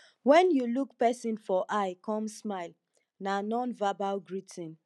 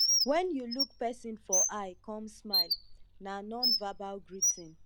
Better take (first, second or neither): first